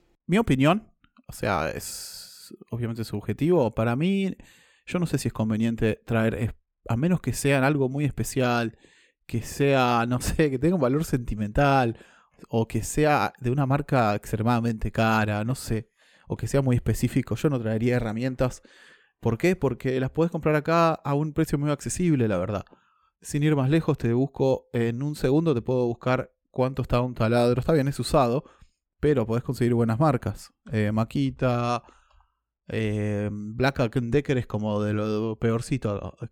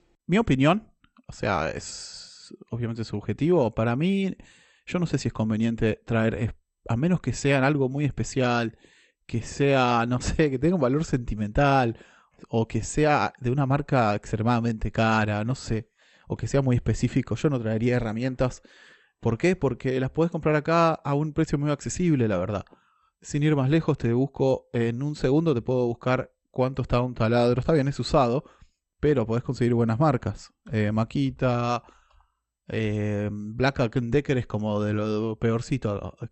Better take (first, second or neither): first